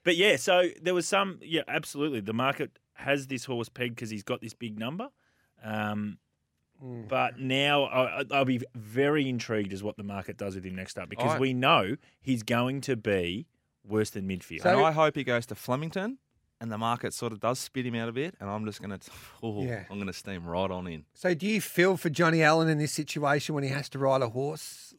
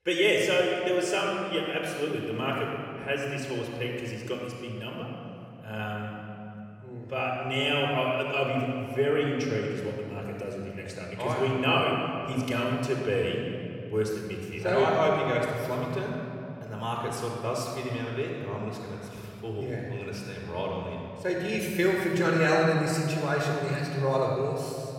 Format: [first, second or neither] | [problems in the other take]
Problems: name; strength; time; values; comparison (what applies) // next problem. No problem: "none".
first | off-mic speech; somewhat distant // room echo; noticeable; dies away in 2.5 s